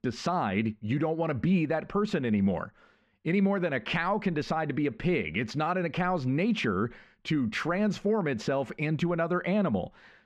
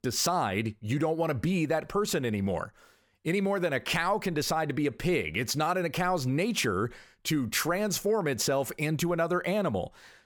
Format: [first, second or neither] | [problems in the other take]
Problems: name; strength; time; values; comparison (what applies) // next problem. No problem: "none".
second | muffled; slightly; fading above 2.5 kHz